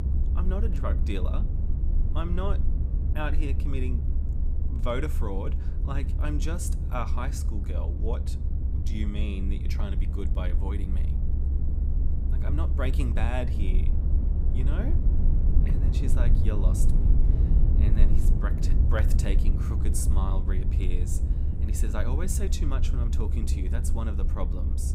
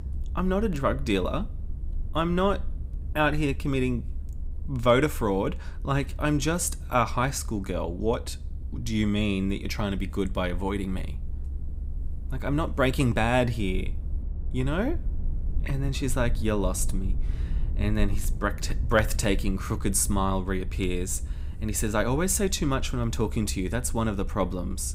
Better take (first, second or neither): second